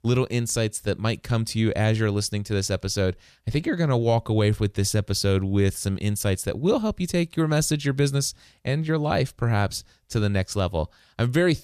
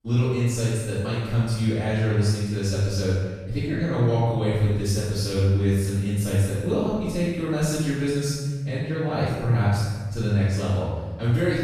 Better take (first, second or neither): first